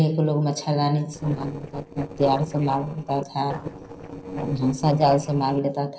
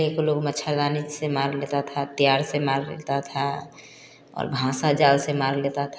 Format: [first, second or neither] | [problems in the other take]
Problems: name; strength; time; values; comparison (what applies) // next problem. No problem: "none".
second | noise reduction (neural separator model SepFormer DNS4)